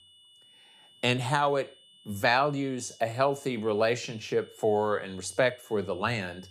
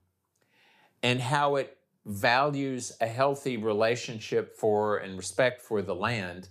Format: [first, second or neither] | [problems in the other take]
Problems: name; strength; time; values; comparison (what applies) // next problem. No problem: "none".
second | high-pitched whine; faint; throughout; 3 kHz, 25 dB below the speech